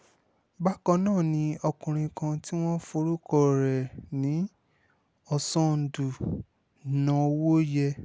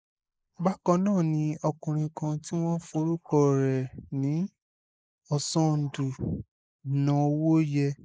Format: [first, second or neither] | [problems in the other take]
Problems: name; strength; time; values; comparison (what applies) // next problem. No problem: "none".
first | noise reduction (neural mask model Resemble Enhance denoiser)